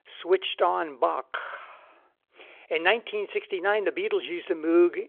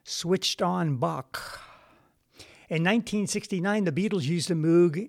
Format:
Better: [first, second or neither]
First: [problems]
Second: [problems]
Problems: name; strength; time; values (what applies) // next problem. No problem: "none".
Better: second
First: phone-call audio; nothing above 3.5 kHz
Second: none